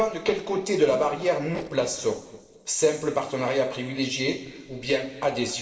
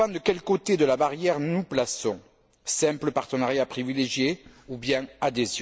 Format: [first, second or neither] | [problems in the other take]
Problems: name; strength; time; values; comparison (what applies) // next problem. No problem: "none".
second | noise reduction (neural separator model SepFormer DNS4)